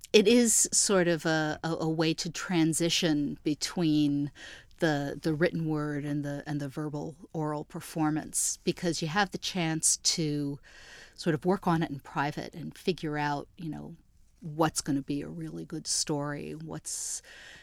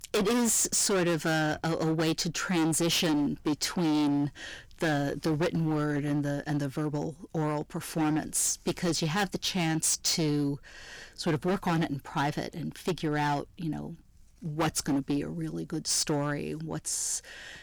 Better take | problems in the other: first | distortion; heavy; 16% of the sound clipped

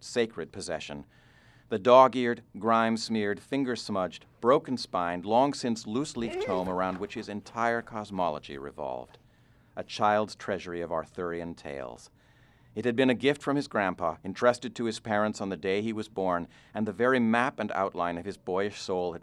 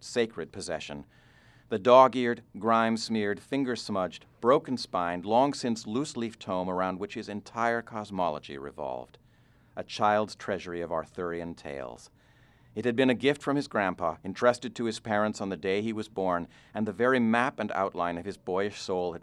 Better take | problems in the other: second | dog barking; noticeable; from 6 to 7 s; peak 5 dB below the speech

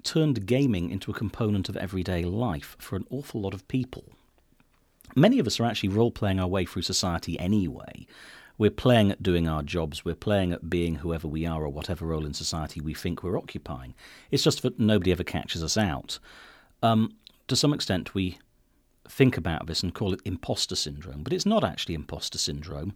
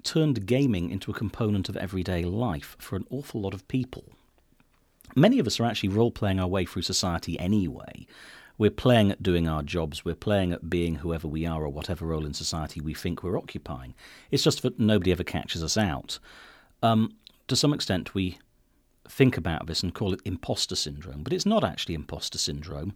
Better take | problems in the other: neither | none

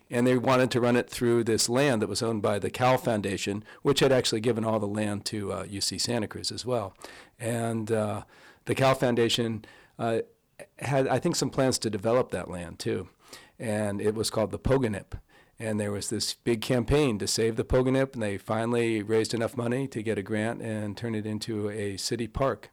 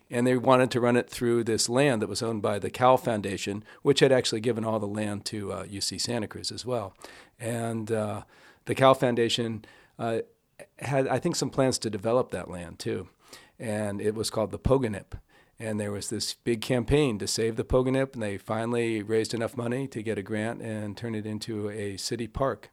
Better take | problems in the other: second | distortion; slight; 3% of the sound clipped

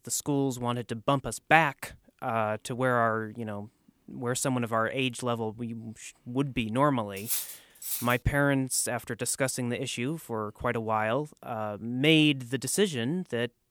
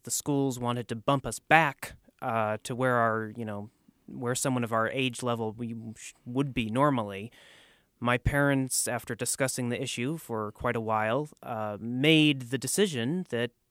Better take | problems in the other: second | clattering dishes; noticeable; at 7 s; peak 2 dB below the speech

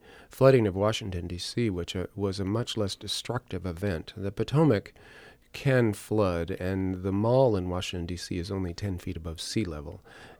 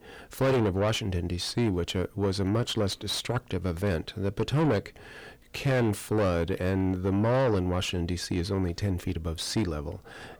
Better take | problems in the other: first | distortion; heavy; 6 dB below the speech

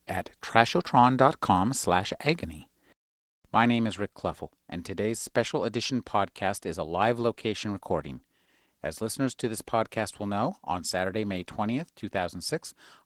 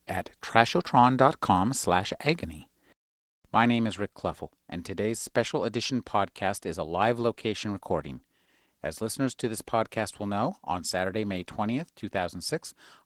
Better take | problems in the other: neither | garbled, watery; slightly; the same in both

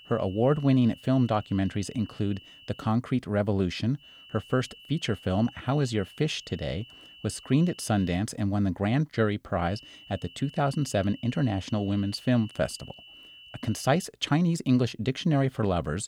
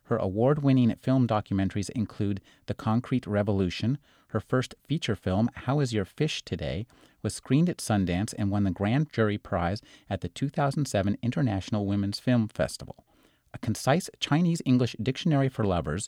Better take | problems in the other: second | high-pitched whine; faint; until 3 s, from 4 to 8 s and from 9.5 to 14 s; 3 kHz, 20 dB below the speech

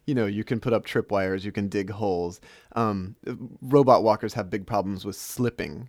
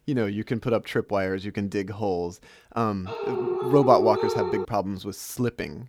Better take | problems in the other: first | dog barking; loud; from 3 to 4.5 s; peak 1 dB above the speech

